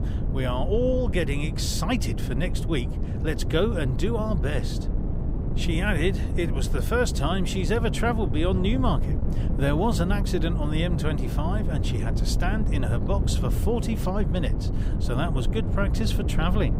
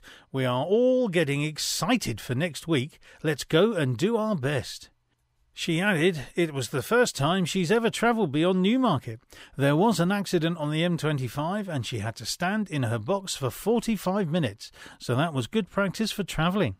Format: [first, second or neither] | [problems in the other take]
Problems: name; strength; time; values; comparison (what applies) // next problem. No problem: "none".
second | wind noise on the microphone; heavy; 9 dB below the speech